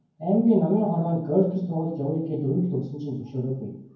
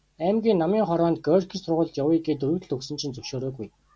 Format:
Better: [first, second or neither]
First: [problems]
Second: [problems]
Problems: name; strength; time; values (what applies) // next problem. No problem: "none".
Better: second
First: room echo; dies away in 0.9 s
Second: none